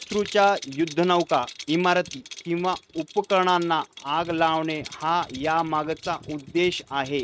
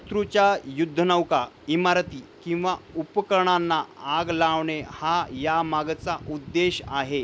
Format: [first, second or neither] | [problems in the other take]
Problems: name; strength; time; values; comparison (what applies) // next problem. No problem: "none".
second | noise reduction (neural mask model RNNoise)